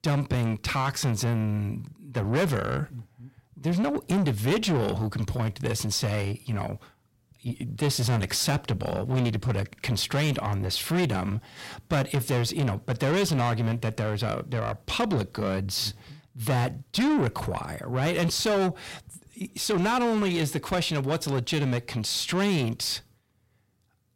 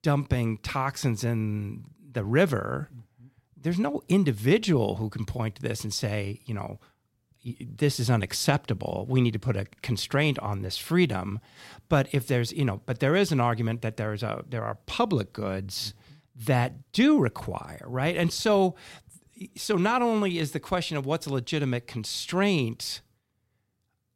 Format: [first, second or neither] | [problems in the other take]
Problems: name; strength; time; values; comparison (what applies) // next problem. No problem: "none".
second | distortion; heavy; 7 dB below the speech